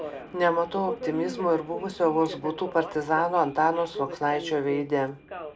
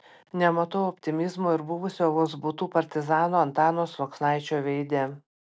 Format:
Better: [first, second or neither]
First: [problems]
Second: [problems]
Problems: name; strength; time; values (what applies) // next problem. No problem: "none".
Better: second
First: background sound (Subway, metro, underground); 12 dB below the speech // room echo; dies away in 0.2 s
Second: none